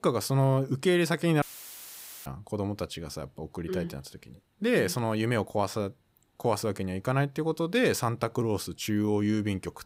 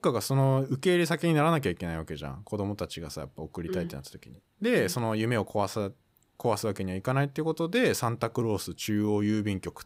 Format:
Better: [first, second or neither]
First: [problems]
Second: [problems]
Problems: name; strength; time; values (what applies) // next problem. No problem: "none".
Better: second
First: audio cutting out; filled with static; at 1.5 s for 1 s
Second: none